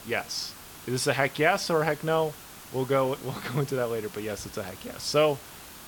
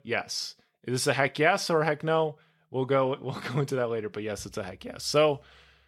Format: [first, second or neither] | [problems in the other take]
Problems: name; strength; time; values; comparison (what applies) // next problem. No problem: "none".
second | hiss; noticeable; throughout; 15 dB below the speech